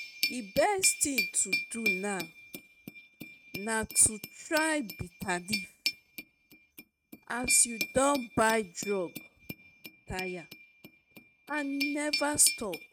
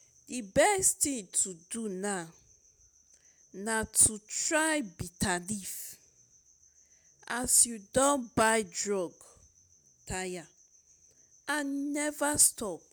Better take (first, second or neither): second